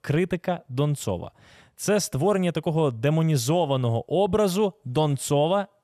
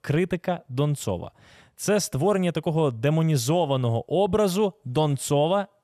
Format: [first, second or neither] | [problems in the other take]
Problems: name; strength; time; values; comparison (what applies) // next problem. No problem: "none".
neither | none